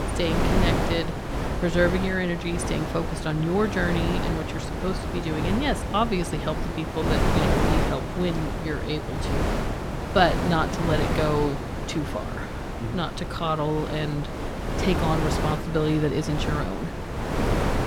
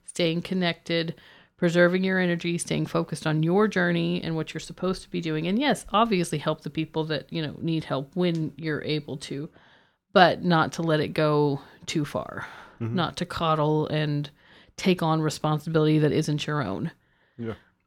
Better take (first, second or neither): second